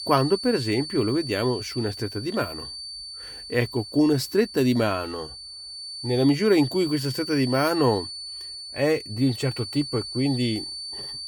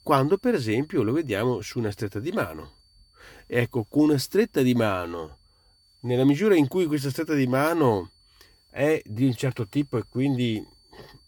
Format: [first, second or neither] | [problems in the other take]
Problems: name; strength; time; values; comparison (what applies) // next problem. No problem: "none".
second | high-pitched whine; loud; throughout; 4.5 kHz, 9 dB below the speech; faint in the second